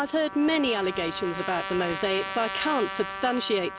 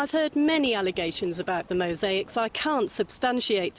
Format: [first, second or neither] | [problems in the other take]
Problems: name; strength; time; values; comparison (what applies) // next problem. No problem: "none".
second | background sound (Trumpet); 8 dB below the speech